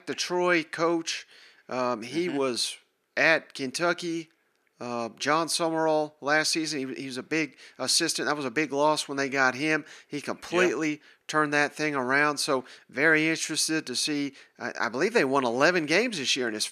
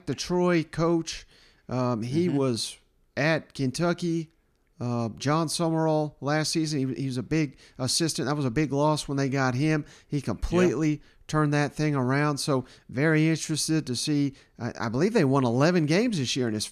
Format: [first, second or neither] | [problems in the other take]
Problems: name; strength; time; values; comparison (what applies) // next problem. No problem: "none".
second | thin; somewhat; fading below 400 Hz